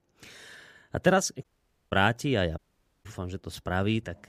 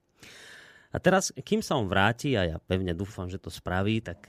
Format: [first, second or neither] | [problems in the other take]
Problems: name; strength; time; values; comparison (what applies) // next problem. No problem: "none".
second | audio cutting out; at 1.5 s and at 2.5 s